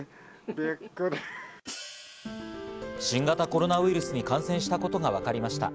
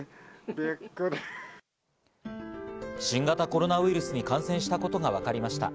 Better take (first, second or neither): second